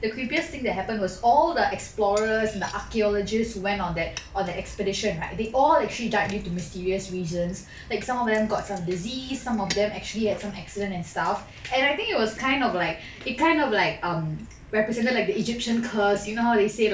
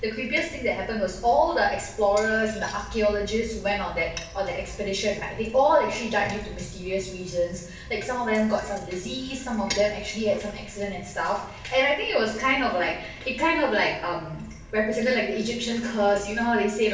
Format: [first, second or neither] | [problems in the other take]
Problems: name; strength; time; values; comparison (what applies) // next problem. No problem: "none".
first | room echo; dies away in 0.9 s